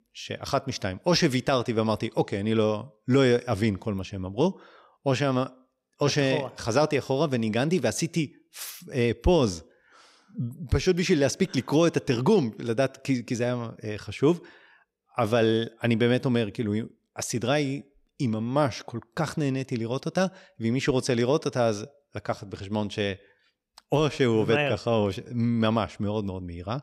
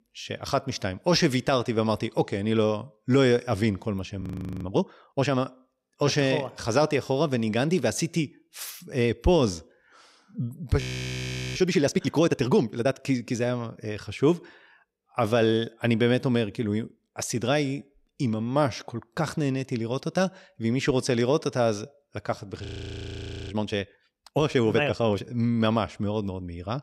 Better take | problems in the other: first | audio freezing; at 4 s, at 11 s for 1 s and at 23 s for 1 s

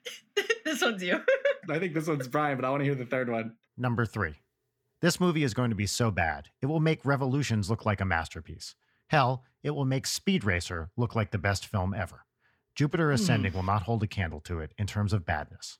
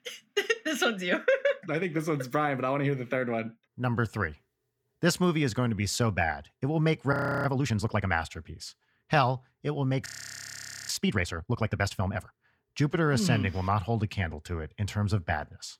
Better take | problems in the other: first | audio freezing; at 7 s and at 10 s for 1 s

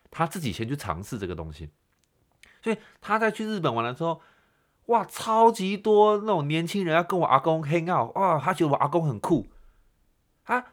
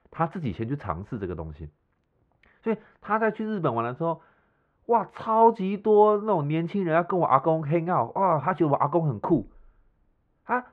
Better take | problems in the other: first | muffled; very; fading above 1.5 kHz

